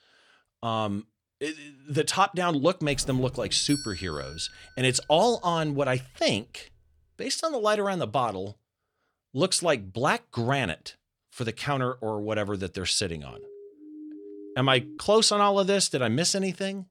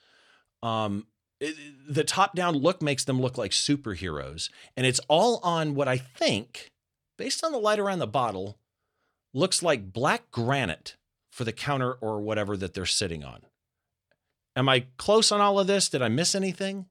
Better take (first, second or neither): second